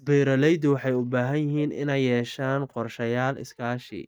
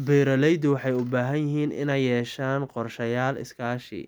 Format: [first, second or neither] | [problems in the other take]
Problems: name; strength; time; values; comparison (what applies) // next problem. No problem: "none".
second | noise reduction (neural mask model DeepFilterNet 3)